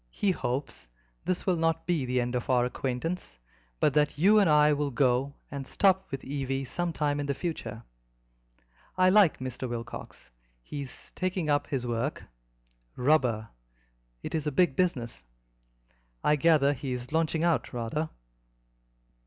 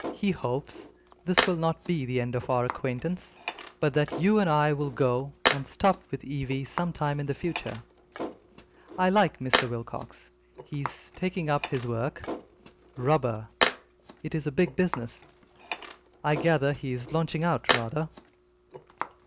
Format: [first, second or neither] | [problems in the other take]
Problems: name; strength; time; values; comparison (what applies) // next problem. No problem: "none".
first | background sound (Tools); 7 dB below the speech